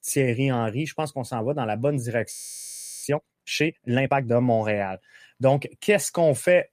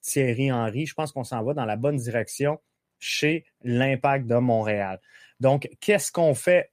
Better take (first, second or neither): second